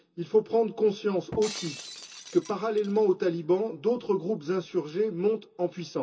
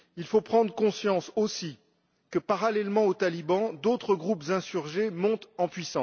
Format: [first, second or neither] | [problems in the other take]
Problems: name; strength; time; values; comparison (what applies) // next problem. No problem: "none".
second | background sound (Shatter); 17 dB below the speech // room echo; dies away in 0.2 s